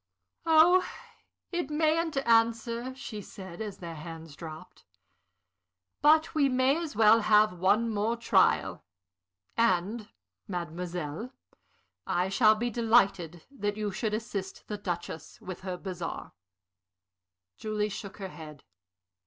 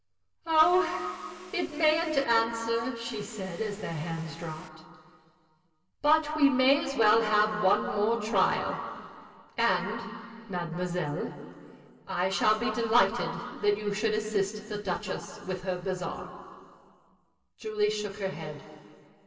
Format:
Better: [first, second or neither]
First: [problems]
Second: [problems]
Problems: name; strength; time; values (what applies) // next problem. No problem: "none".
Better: first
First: none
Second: background sound (Vehicle); 20 dB below the speech // room echo; dies away in 2.7 s